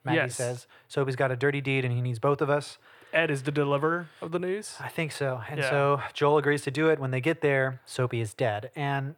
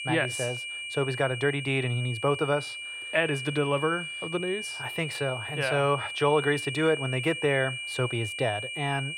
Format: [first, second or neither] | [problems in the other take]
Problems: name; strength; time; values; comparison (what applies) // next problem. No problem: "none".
first | high-pitched whine; loud; throughout; 2.5 kHz, 6 dB below the speech